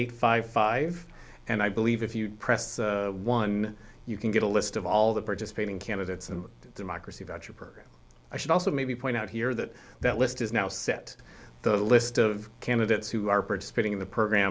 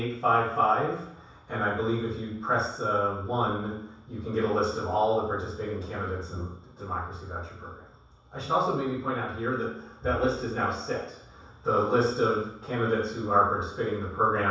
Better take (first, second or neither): first